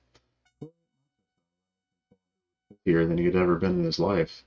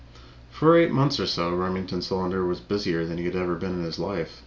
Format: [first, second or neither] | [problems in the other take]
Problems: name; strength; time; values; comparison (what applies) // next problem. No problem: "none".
second | noise reduction (neural mask model RNNoise)